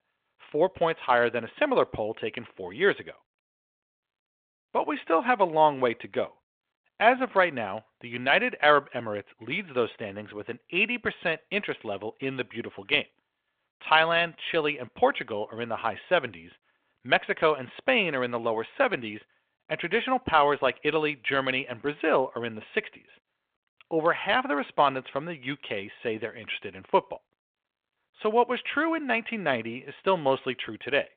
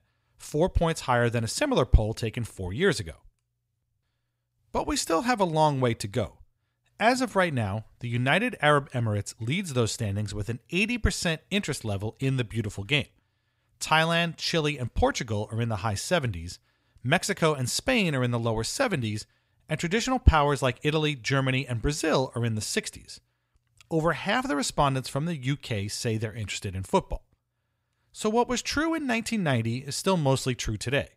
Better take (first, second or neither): second